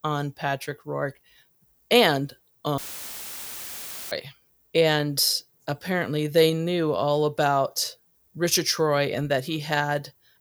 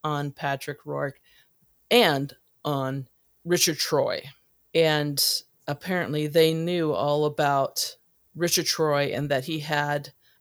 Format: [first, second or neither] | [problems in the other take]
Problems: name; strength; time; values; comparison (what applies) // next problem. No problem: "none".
second | audio cutting out; filled with static; at 3 s for 1.5 s